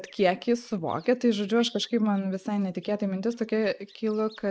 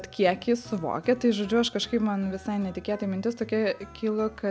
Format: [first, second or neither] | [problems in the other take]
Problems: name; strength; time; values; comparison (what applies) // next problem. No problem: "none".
second | noise reduction (neural mask model Resemble Enhance denoiser)